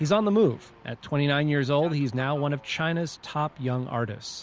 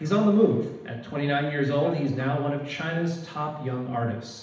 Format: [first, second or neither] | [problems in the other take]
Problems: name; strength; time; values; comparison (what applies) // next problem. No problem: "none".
first | room echo; dies away in 0.8 s